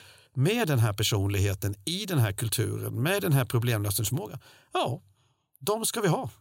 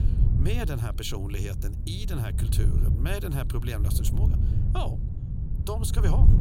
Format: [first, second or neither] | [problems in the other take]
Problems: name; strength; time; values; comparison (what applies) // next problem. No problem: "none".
first | wind noise on the microphone; heavy; 6 dB below the speech